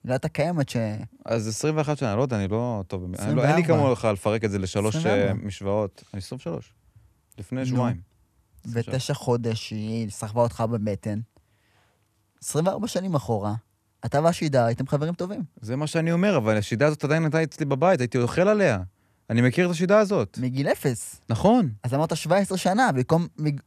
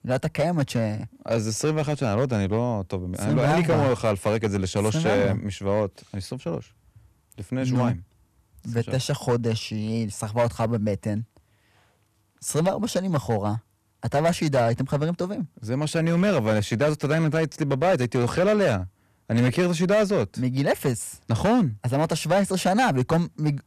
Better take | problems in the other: first | distortion; slight; 5% of the sound clipped

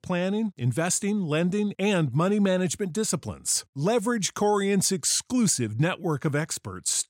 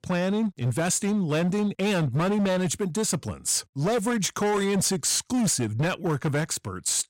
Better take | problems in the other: first | distortion; slight; 19% of the sound clipped

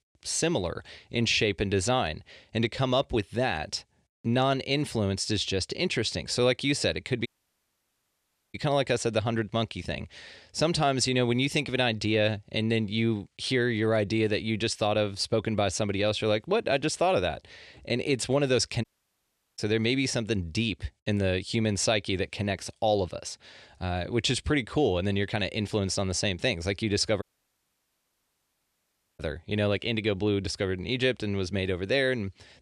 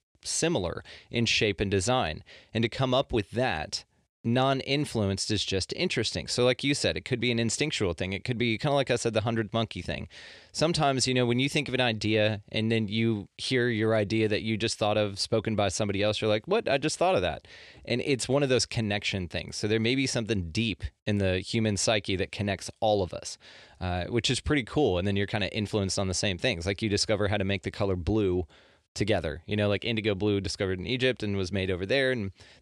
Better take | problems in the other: second | audio cutting out; at 7.5 s for 1.5 s, at 19 s for 0.5 s and at 27 s for 2 s

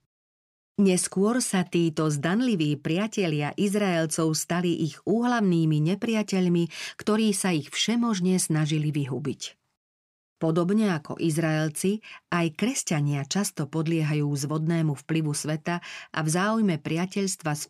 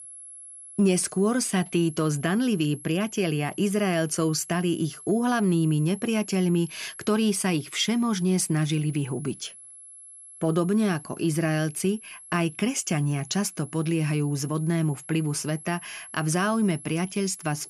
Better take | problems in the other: first | high-pitched whine; noticeable; throughout; 11 kHz, 15 dB below the speech

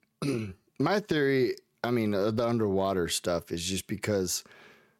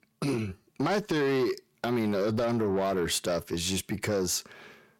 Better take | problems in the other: first | distortion; slight; 10 dB below the speech

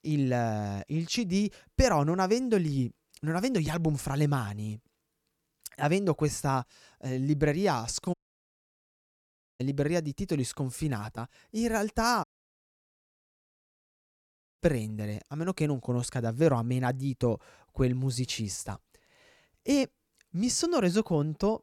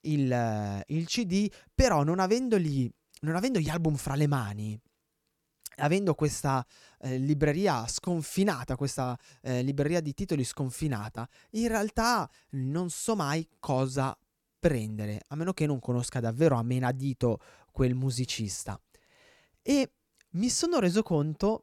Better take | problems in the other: second | audio cutting out; at 8 s for 1.5 s and at 12 s for 2.5 s

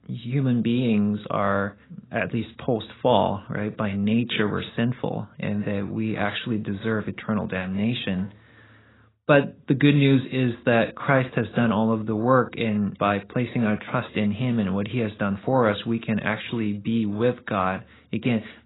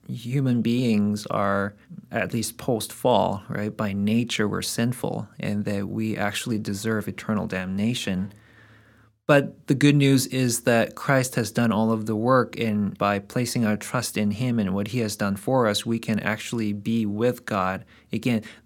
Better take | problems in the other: second | garbled, watery; badly; nothing above 4 kHz

